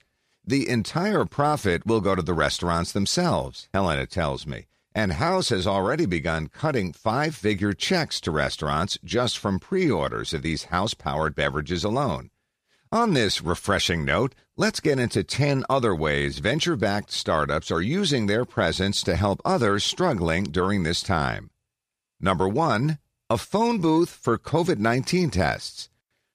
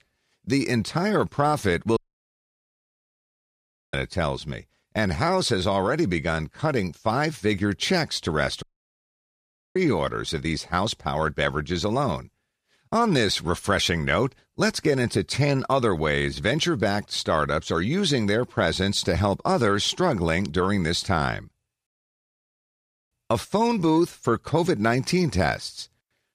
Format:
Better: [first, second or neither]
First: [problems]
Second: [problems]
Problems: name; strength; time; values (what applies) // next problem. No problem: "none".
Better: first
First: none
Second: audio cutting out; at 2 s for 2 s, at 8.5 s for 1 s and at 22 s for 1 s